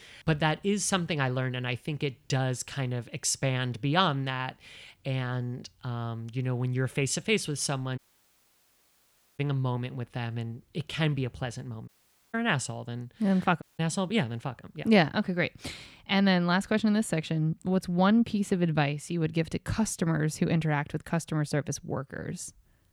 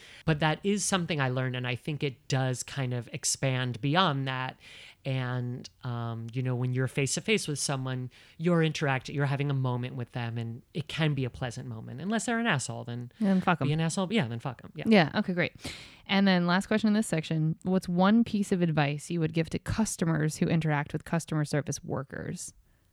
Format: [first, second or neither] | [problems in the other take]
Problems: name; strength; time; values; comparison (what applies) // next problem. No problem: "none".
second | audio cutting out; at 8 s for 1.5 s, at 12 s and at 14 s